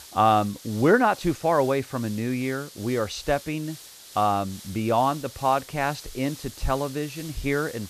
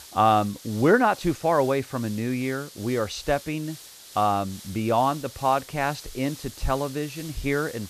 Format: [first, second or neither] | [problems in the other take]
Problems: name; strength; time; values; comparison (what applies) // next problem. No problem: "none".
neither | hiss; noticeable; throughout; 15 dB below the speech; the same in both